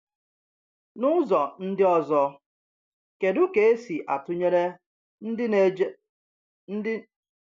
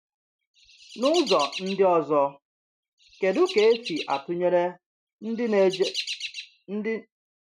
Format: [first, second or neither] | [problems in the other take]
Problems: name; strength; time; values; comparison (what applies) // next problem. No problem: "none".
first | noise reduction (neural mask model RNNoise)